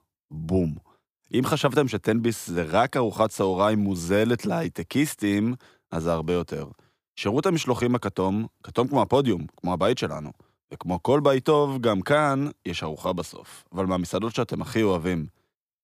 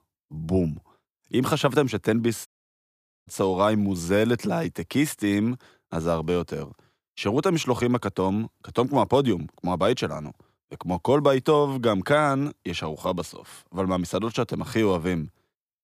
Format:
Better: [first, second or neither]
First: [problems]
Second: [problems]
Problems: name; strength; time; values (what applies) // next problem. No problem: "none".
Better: first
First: none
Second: audio cutting out; at 2.5 s for 1 s